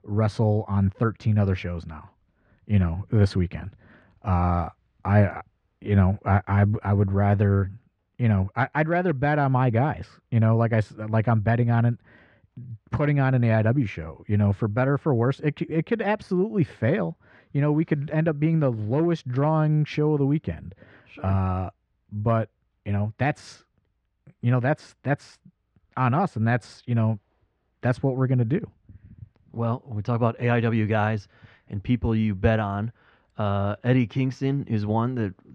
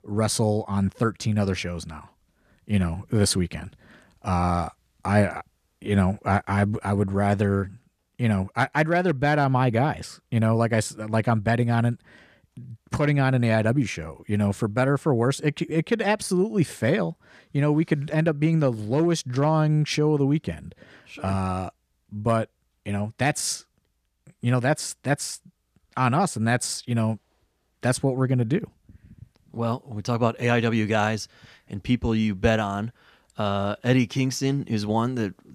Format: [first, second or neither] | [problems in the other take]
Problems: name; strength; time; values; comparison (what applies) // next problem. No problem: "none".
second | muffled; slightly; fading above 2.5 kHz